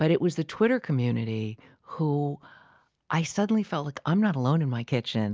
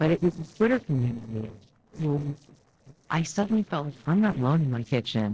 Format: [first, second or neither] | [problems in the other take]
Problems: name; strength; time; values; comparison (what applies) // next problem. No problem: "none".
first | noise reduction (neural separator model SepFormer DNS4)